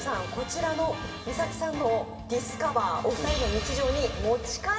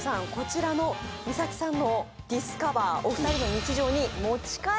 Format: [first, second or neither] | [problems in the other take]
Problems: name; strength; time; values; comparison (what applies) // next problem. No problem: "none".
second | background sound (Piano); 17 dB below the speech // room echo; dies away in 1.2 s